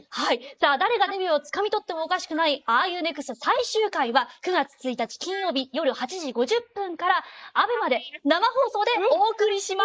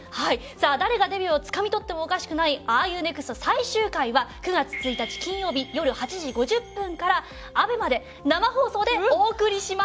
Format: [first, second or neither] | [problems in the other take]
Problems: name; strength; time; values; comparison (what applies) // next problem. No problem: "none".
second | noise reduction (neural mask model Resemble Enhance denoiser)